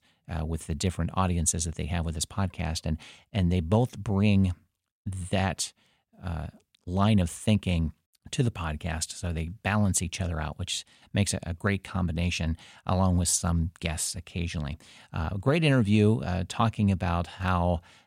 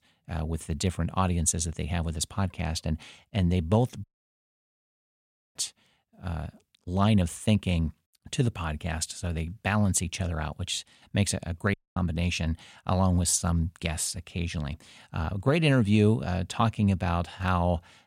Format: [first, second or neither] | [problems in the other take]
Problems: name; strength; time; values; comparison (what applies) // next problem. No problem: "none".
first | audio cutting out; at 4 s for 1.5 s and at 12 s